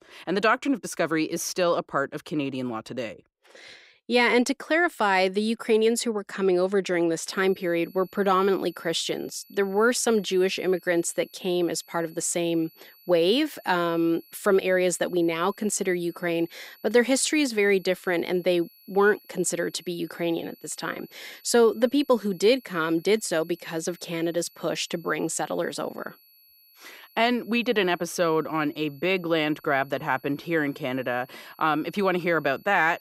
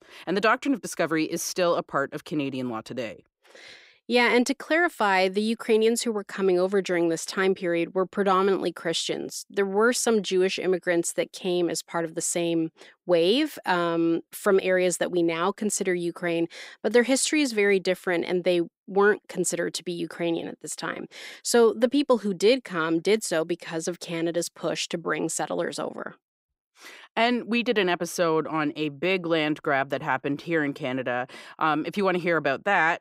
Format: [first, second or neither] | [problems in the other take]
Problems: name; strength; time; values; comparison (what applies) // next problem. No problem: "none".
second | high-pitched whine; faint; from 7.5 s on; 12 kHz, 30 dB below the speech